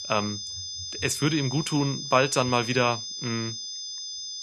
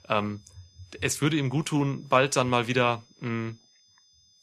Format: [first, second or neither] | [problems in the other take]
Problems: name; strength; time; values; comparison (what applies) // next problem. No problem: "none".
second | high-pitched whine; loud; throughout; 5 kHz, 7 dB below the speech; faint in the second